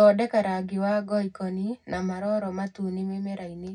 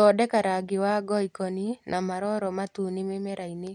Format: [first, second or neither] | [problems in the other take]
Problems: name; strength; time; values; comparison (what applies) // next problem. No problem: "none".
second | room echo; dies away in 0.4 s